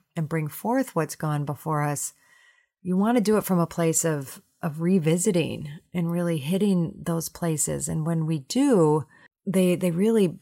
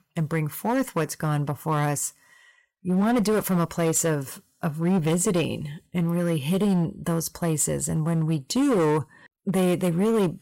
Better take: first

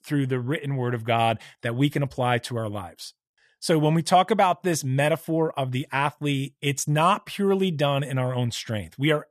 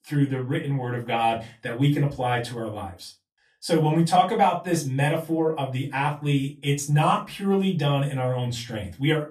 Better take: first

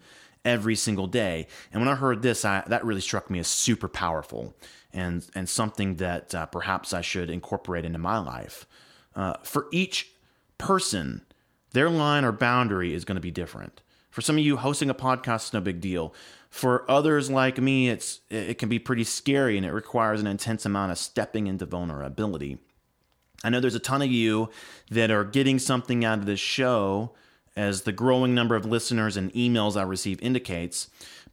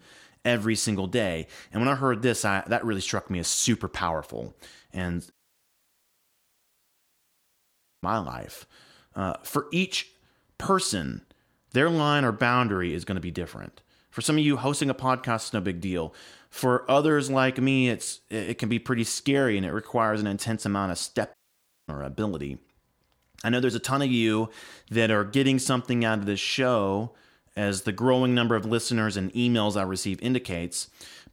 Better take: first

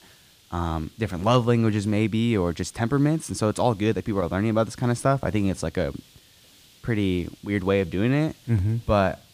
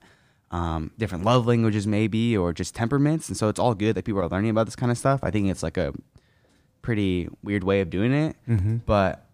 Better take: second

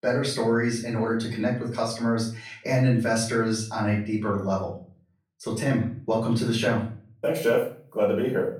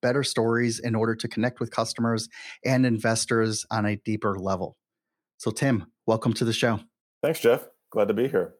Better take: second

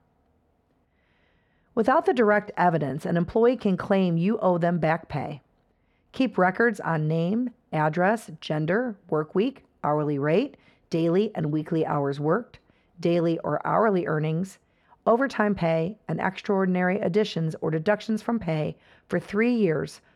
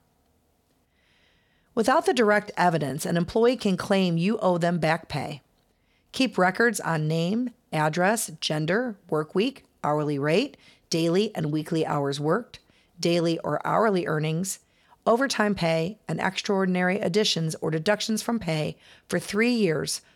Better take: second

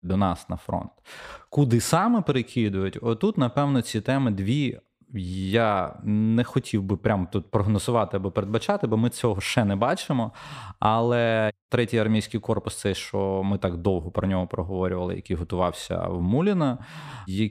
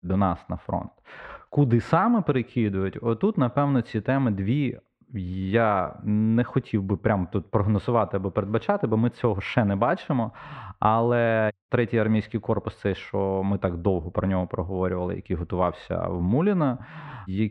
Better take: first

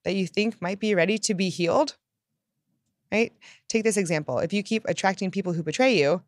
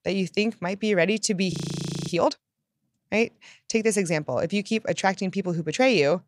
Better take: first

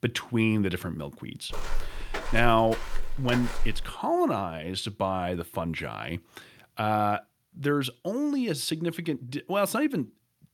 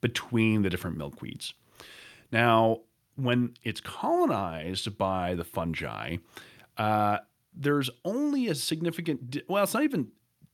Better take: second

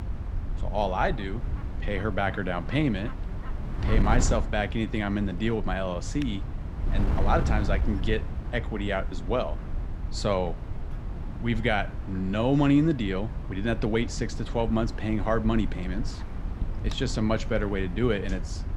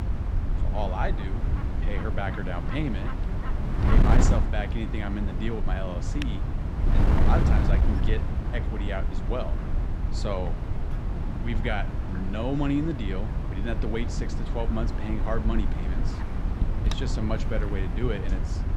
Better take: first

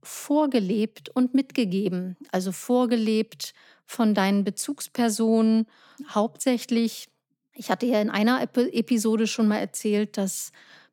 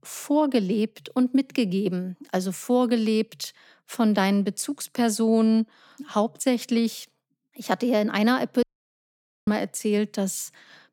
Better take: first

